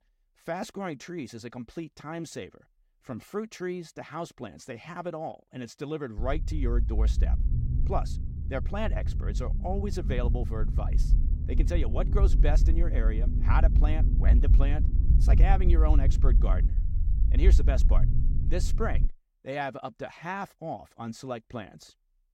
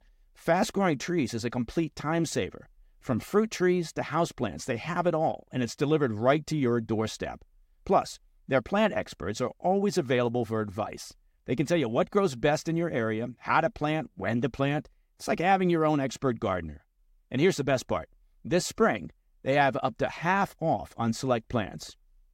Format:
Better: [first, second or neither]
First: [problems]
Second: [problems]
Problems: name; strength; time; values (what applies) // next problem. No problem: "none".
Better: second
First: low rumble; loud; from 6 to 19 s; 9 dB below the speech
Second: none